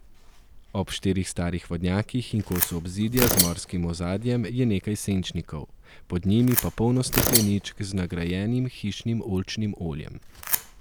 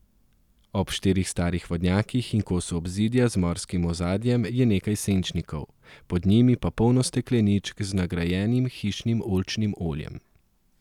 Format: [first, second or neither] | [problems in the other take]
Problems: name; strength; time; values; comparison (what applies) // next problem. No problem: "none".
second | background sound (Tearing); 5 dB below the speech